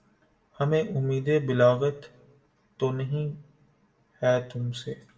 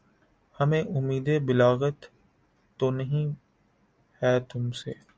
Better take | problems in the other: second | room echo; dies away in 0.4 s

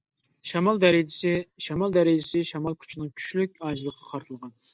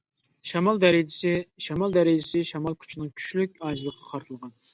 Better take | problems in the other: second | noise reduction (neural mask model Resemble Enhance denoiser)

